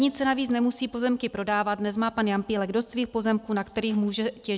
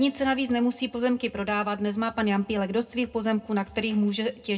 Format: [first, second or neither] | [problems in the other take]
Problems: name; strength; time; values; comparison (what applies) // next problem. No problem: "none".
first | room echo; dies away in 0.2 s